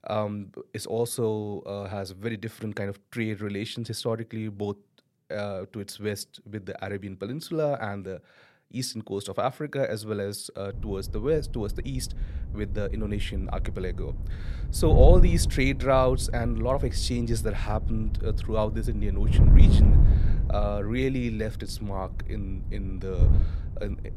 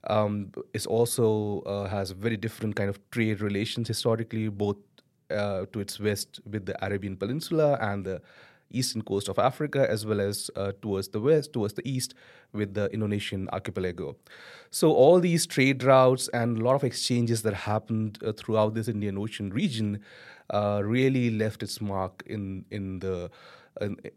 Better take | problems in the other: second | wind noise on the microphone; occasional gusts; from 11 s on; 10 dB below the speech

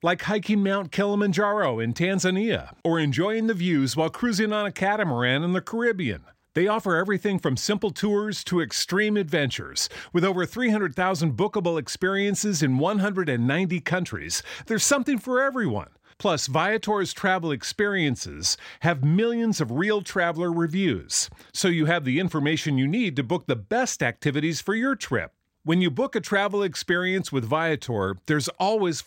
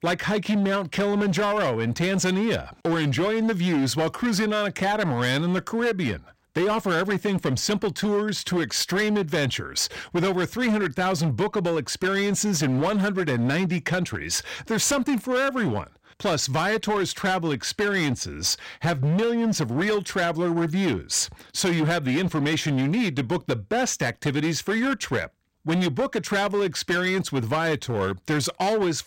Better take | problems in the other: first | distortion; slight; 18% of the sound clipped

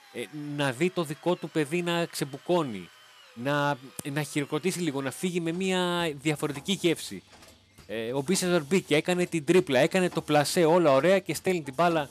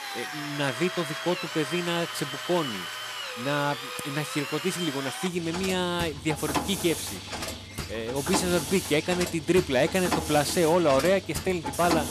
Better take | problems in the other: first | machinery noise; loud; throughout; 5 dB below the speech; faint in the first

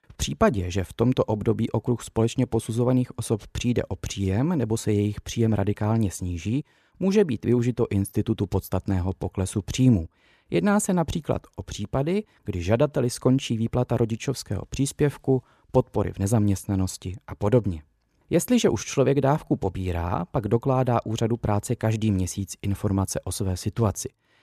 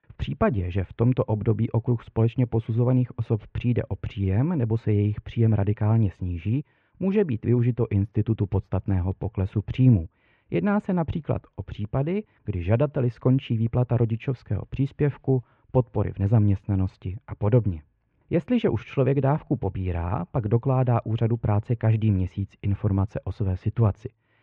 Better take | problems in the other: first | muffled; very; fading above 2.5 kHz

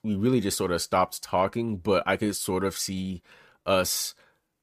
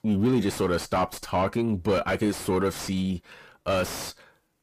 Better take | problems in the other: first | distortion; heavy; 6 dB below the speech

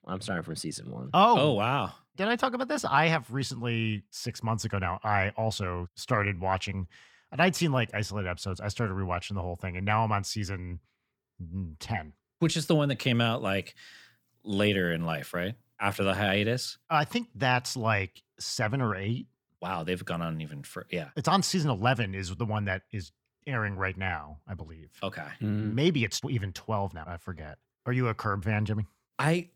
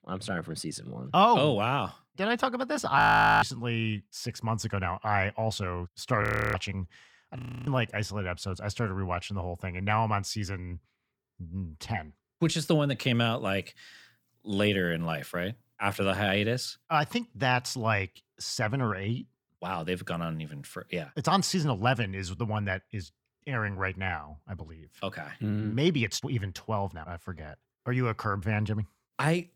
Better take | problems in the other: first | audio freezing; at 3 s, at 6 s and at 7.5 s

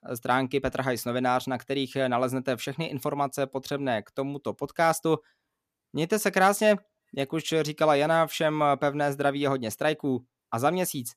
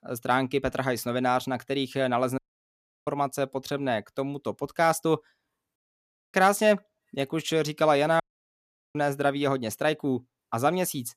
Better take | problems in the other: first | audio cutting out; at 2.5 s for 0.5 s, at 6 s for 0.5 s and at 8 s for 1 s

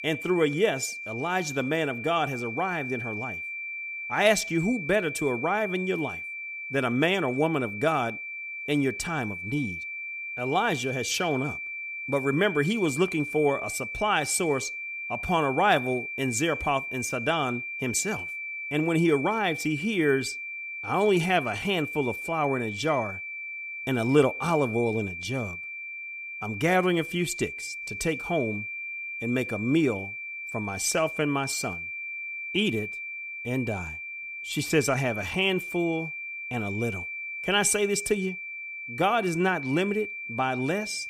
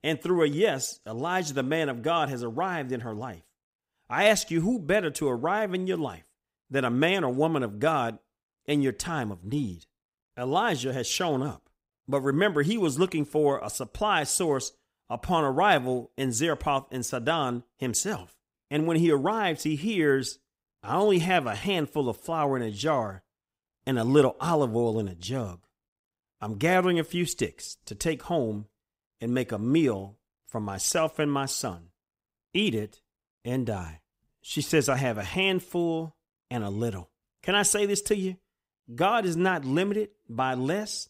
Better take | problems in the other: second | high-pitched whine; loud; throughout; 2.5 kHz, 6 dB below the speech

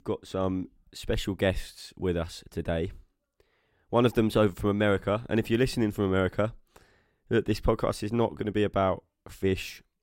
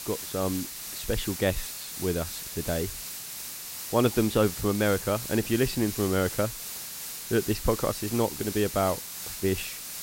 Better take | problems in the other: first | hiss; loud; throughout; 6 dB below the speech

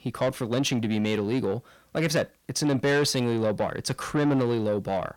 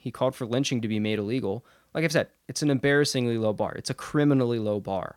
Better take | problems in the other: second | distortion; slight; 10 dB below the speech

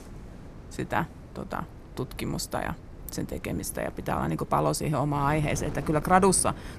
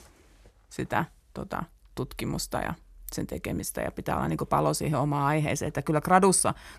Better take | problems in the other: second | wind noise on the microphone; occasional gusts; 20 dB below the speech

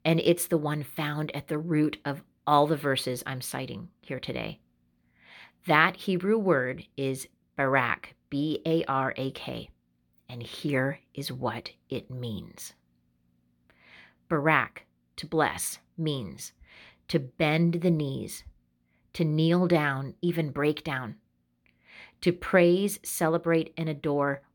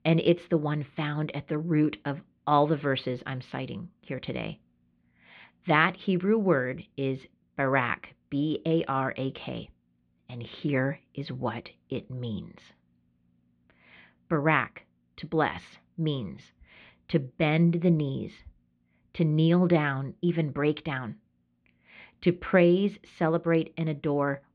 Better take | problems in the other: first | muffled; slightly; fading above 3 kHz

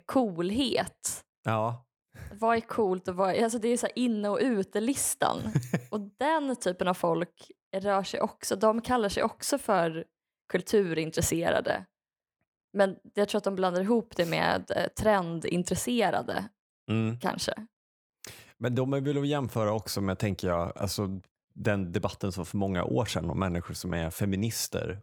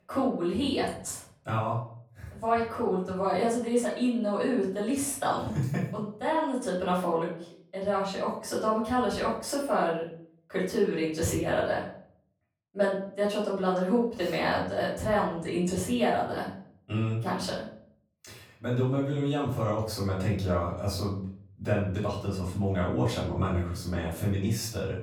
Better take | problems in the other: first | off-mic speech; far // room echo; noticeable; dies away in 0.5 s

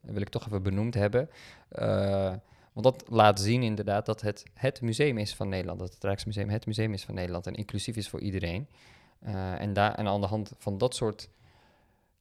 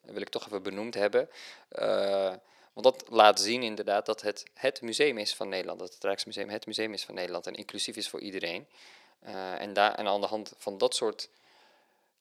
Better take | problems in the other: first | thin; somewhat; fading below 300 Hz

